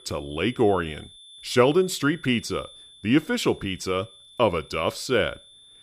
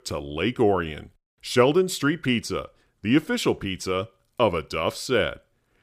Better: second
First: high-pitched whine; faint; throughout; 3.5 kHz, 20 dB below the speech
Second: none

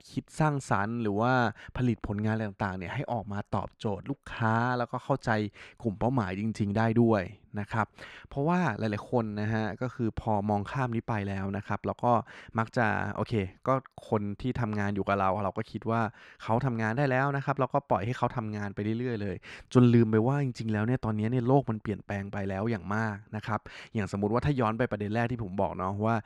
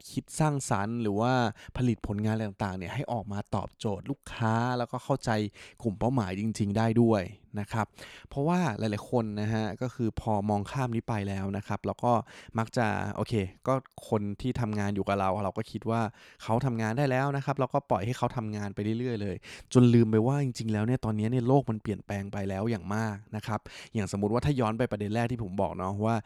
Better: second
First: muffled; very slightly; fading above 3.5 kHz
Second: none

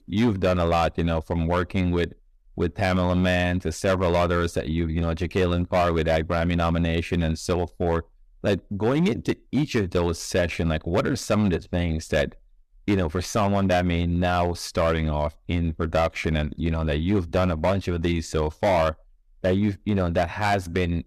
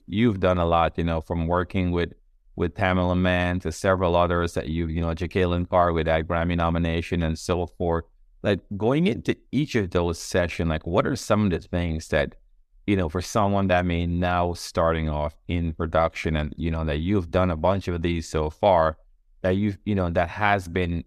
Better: second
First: distortion; slight; 7% of the sound clipped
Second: none

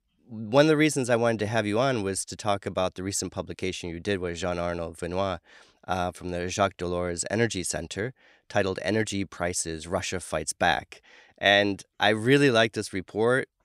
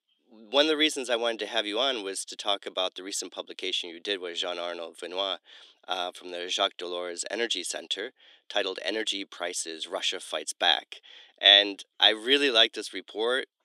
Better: first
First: none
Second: thin; somewhat; fading below 300 Hz

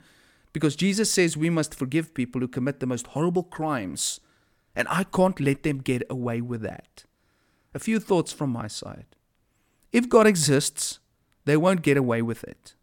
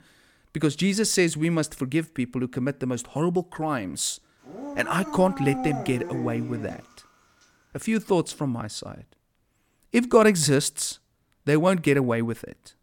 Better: first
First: none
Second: dog barking; noticeable; from 4.5 to 7 s; peak 6 dB below the speech

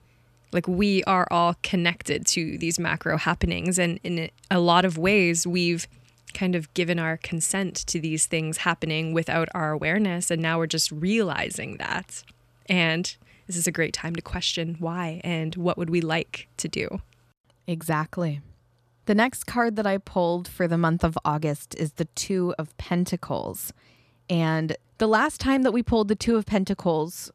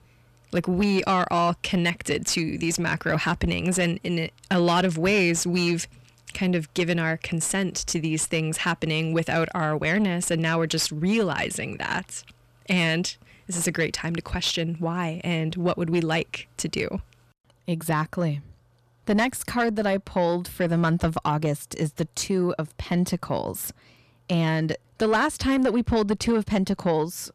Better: first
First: none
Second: distortion; slight; 10 dB below the speech

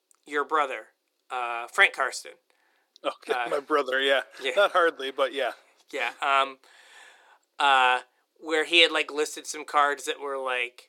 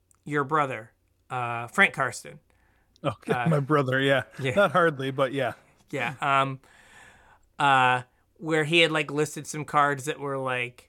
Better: second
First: thin; very; fading below 350 Hz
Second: none

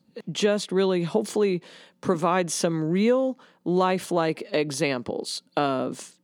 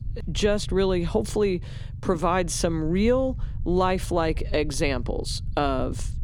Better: first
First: none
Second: low rumble; faint; throughout; 25 dB below the speech

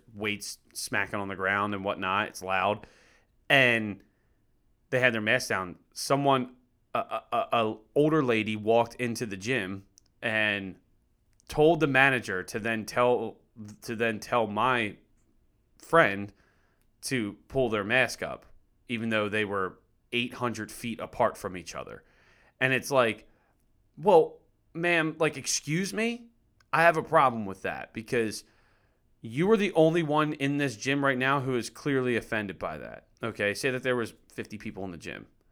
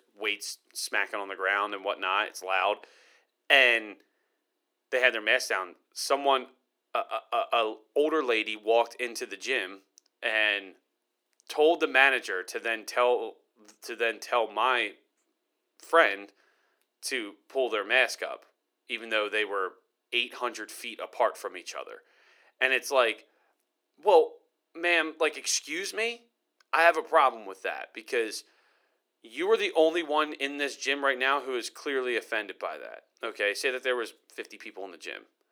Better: first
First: none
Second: thin; very; fading below 350 Hz

